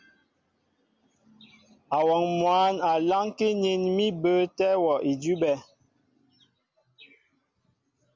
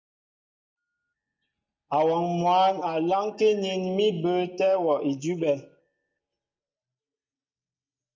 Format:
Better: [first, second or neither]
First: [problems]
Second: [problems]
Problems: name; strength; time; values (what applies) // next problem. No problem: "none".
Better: first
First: none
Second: noise reduction (neural mask model DeepFilterNet 3)